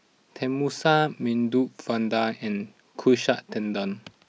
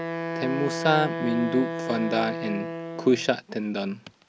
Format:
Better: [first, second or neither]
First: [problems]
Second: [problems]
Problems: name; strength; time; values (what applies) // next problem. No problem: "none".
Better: first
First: none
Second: background sound (Wind instrument, woodwind instrument); 6 dB below the speech